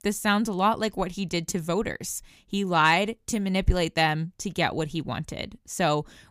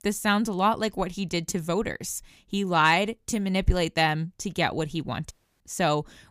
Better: first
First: none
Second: audio cutting out; at 5.5 s

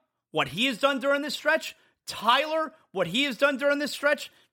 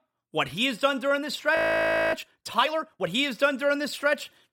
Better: first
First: none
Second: audio freezing; at 1.5 s for 0.5 s

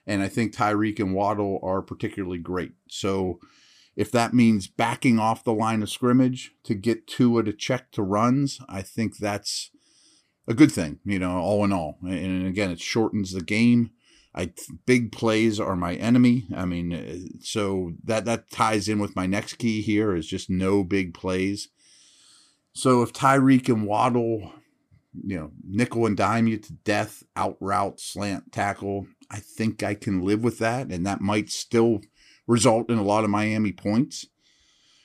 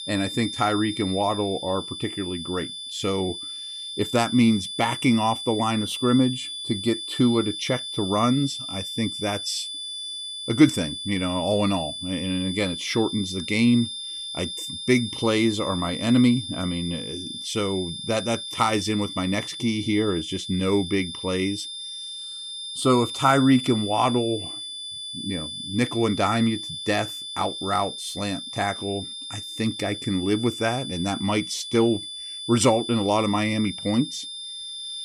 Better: first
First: none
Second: high-pitched whine; loud; throughout; 3.5 kHz, 7 dB below the speech

